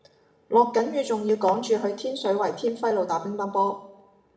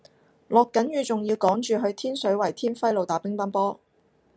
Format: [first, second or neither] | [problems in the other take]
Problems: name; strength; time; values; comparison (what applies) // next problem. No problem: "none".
second | room echo; dies away in 0.7 s